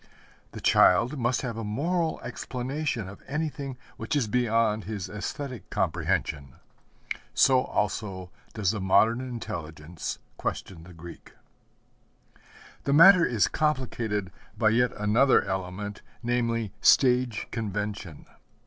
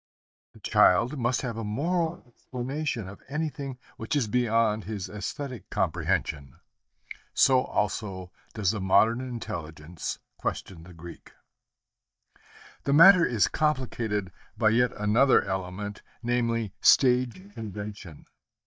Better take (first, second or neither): first